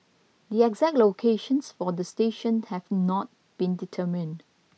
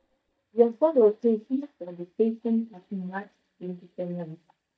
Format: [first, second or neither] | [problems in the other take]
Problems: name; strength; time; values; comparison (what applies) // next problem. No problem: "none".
first | noise reduction (neural mask model DeepFilterNet 3)